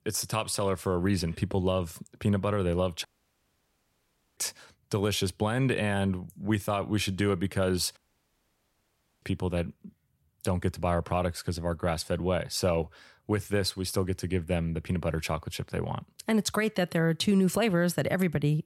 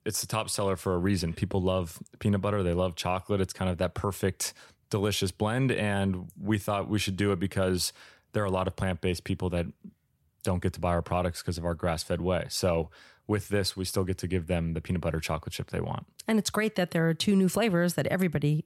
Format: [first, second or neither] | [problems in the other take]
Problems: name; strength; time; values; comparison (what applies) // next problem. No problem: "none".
second | audio cutting out; at 3 s for 1.5 s and at 8 s for 1.5 s